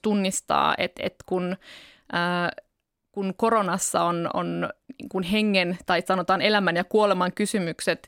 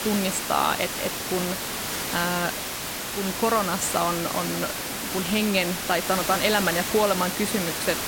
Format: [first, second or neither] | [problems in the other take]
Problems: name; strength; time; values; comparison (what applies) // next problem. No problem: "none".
first | hiss; loud; throughout; 2 dB below the speech